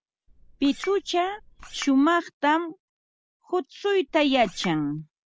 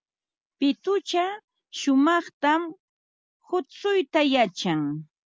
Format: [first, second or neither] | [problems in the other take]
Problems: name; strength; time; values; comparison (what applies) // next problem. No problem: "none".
second | background sound (Chink, clink); 17 dB below the speech